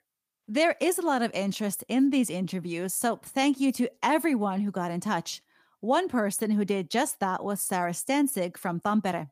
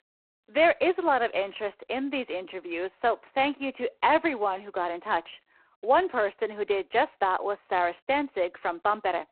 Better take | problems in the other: first | phone-call audio; poor line

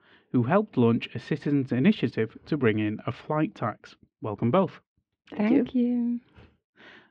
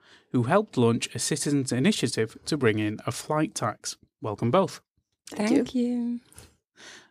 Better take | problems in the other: second | muffled; very; fading above 3 kHz

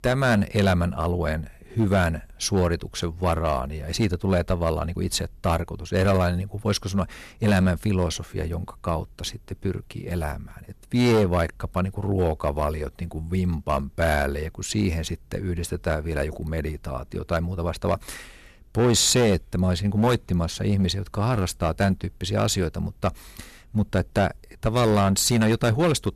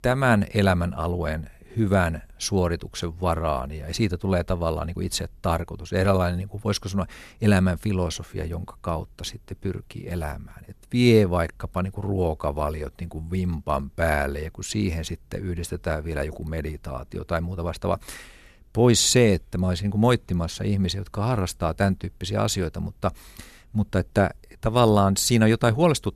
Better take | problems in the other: second | distortion; slight; 5% of the sound clipped

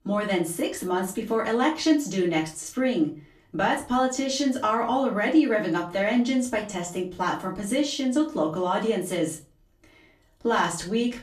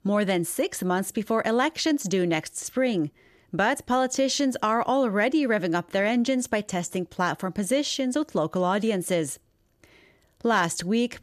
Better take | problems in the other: second | off-mic speech; far // room echo; very slight; dies away in 0.3 s

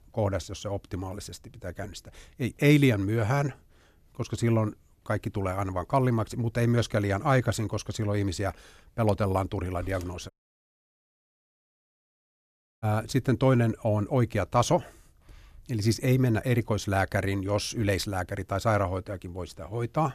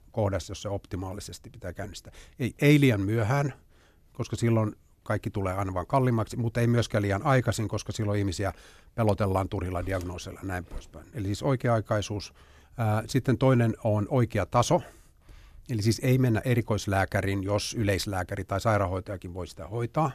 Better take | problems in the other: second | audio cutting out; at 10 s for 2.5 s

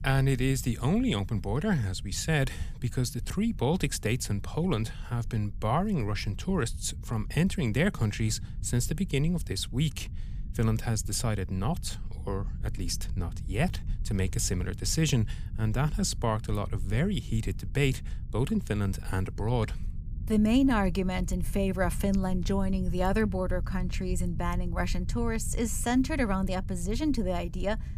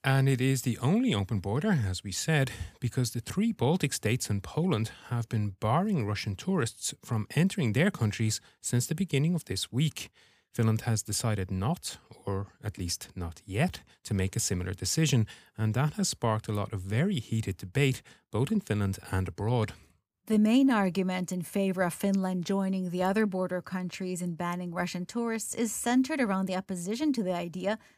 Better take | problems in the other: second | low rumble; faint; throughout; 20 dB below the speech

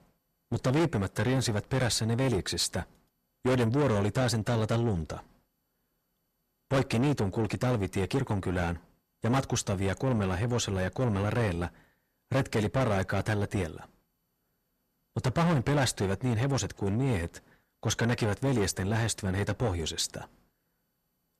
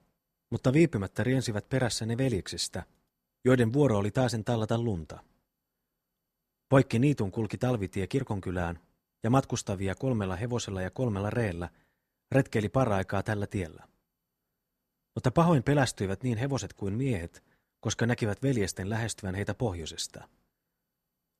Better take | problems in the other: second | distortion; heavy; 6 dB below the speech

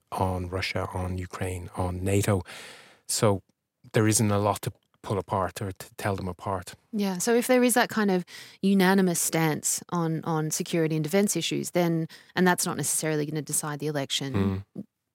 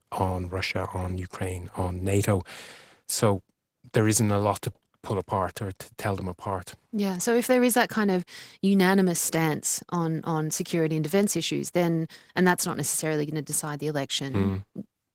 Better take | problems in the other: first | garbled, watery; slightly; nothing above 16 kHz

